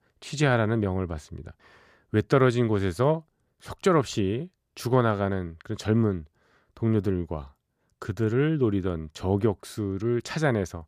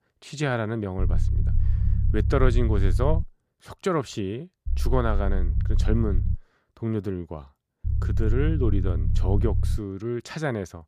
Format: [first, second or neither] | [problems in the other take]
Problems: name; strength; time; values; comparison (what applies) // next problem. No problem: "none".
first | low rumble; noticeable; from 1 to 3 s, from 4.5 to 6.5 s and from 8 to 10 s; 15 dB below the speech